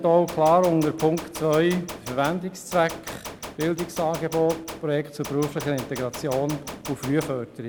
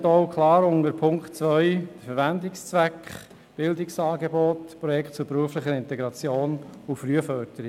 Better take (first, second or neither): second